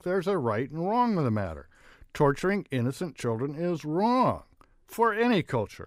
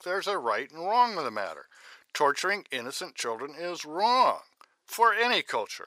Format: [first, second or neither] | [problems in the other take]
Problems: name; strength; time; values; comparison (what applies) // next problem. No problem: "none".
first | thin; very; fading below 700 Hz